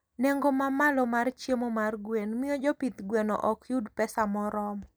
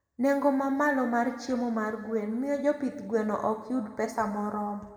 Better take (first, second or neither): first